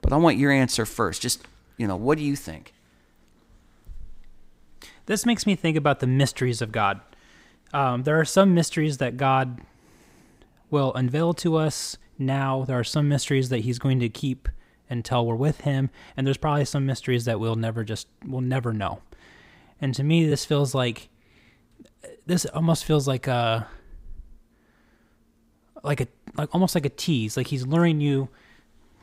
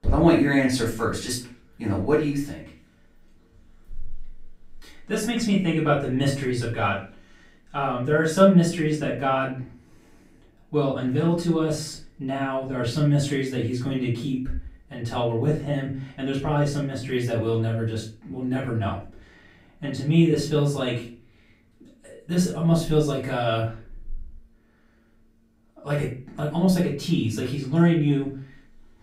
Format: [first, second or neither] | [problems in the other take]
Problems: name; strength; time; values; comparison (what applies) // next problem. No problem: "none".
first | off-mic speech; far // room echo; noticeable; dies away in 0.4 s